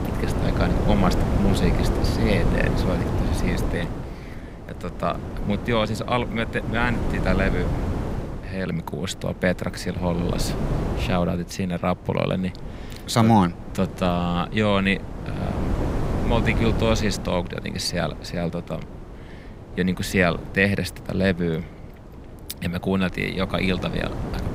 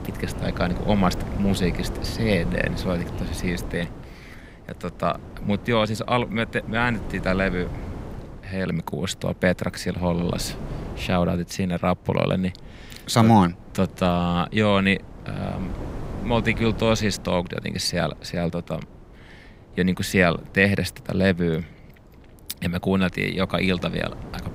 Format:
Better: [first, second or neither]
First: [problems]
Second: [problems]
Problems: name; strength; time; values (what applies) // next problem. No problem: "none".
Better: second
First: wind noise on the microphone; heavy; 7 dB below the speech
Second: wind noise on the microphone; occasional gusts; 15 dB below the speech